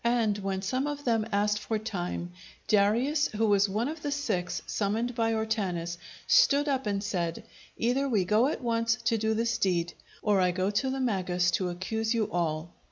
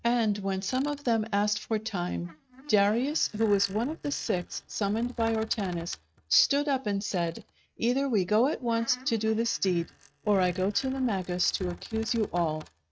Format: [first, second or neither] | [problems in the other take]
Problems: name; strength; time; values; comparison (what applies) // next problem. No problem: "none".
first | noise reduction (neural mask model RNNoise)